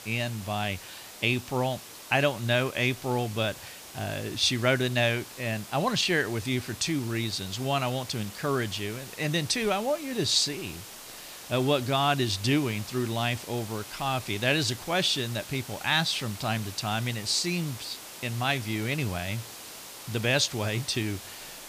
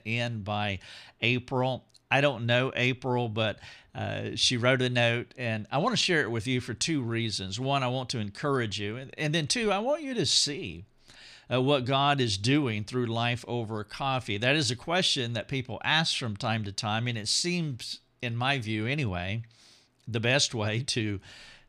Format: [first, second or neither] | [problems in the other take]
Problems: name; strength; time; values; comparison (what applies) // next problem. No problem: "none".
second | hiss; noticeable; throughout; 15 dB below the speech